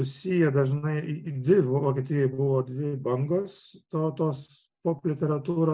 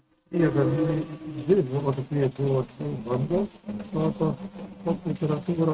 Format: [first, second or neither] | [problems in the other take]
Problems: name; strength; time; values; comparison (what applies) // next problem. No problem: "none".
first | noise reduction (neural mask model RNNoise)